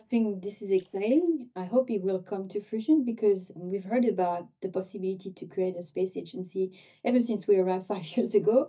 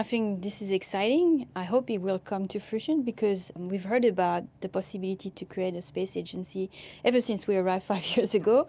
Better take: second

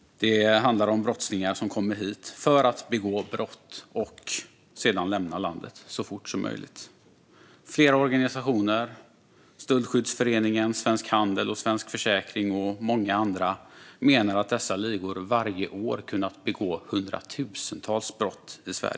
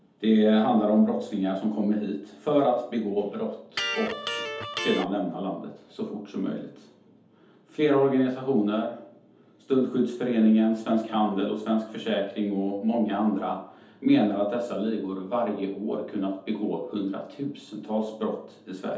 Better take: first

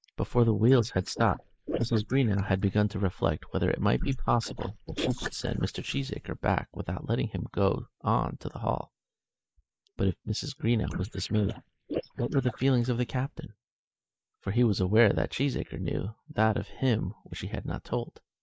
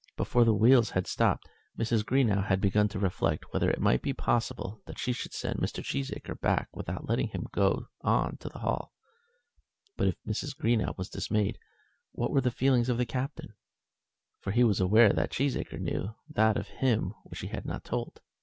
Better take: second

